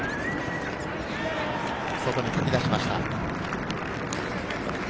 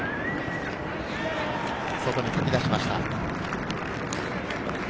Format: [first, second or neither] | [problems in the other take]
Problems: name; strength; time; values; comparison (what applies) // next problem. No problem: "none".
second | background sound (Squeak / Writing + Acoustic guitar); 19 dB below the speech